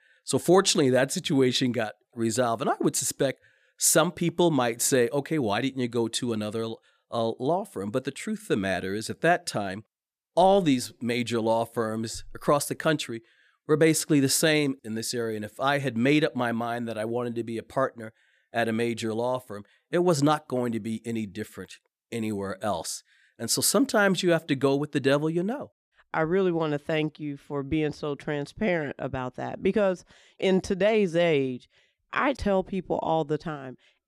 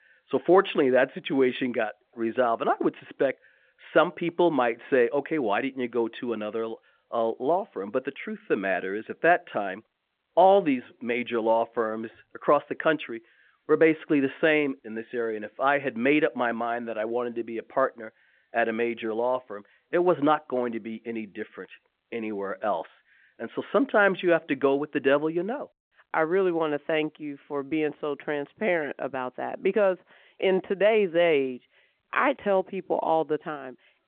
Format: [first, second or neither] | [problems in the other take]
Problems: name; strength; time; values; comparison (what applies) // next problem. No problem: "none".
first | phone-call audio